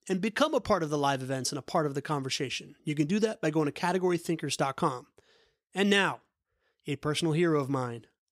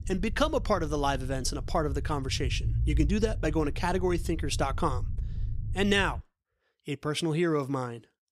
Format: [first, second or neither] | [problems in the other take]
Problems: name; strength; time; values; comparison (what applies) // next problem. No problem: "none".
first | low rumble; faint; until 6 s; 20 dB below the speech